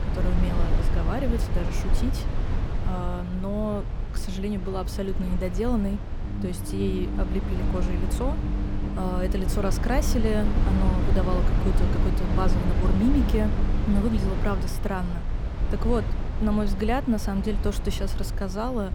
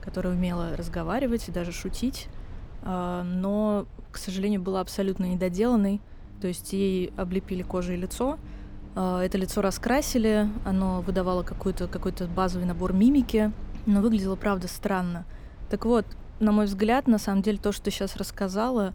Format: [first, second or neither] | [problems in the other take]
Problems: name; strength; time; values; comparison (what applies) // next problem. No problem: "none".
second | low rumble; loud; throughout; 5 dB below the speech; faint in the second